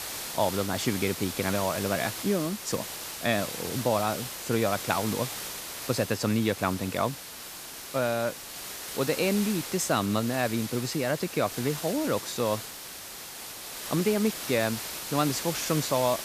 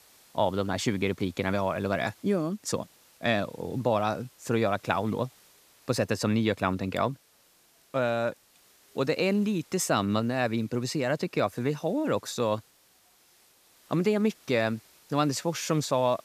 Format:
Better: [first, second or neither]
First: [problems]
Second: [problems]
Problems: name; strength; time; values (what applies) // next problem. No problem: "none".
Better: second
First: hiss; loud; throughout; 6 dB below the speech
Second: hiss; faint; throughout; 30 dB below the speech